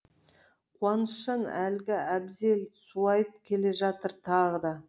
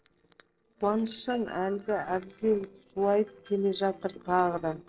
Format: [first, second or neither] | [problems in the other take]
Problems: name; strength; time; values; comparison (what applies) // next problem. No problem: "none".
first | noise reduction (neural separator model SepFormer DNS4)